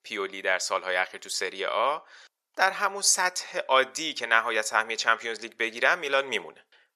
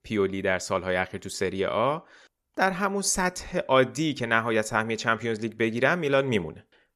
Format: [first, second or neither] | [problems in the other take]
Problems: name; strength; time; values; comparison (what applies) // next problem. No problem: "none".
second | thin; very; fading below 700 Hz